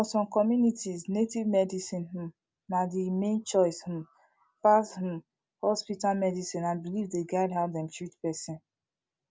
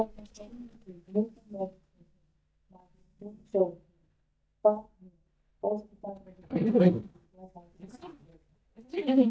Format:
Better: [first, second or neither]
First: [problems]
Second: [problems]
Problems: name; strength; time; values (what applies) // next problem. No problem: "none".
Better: first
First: none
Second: noise reduction (neural mask model DeepFilterNet 3)